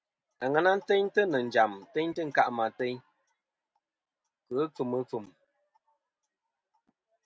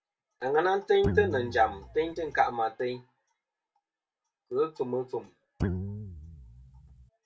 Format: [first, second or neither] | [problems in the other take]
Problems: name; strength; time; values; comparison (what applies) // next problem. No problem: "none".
first | background sound (Guitar); 5 dB below the speech // room echo; dies away in 0.2 s